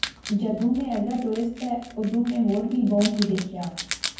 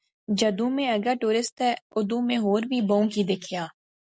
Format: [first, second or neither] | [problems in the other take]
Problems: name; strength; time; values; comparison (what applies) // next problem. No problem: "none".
second | background sound (Wild animals); 12 dB below the speech // room echo; dies away in 0.9 s